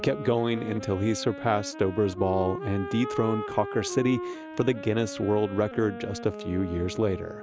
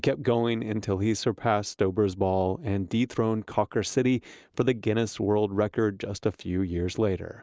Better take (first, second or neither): second